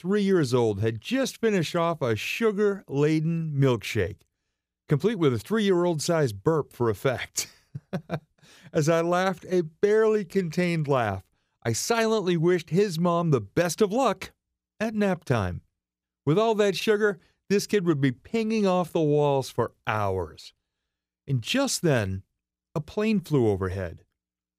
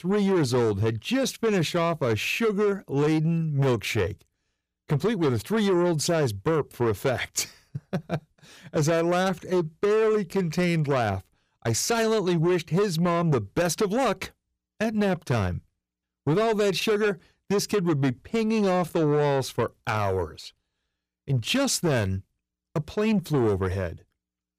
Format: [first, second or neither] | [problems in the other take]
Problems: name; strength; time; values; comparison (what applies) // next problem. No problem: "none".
first | distortion; slight; 10 dB below the speech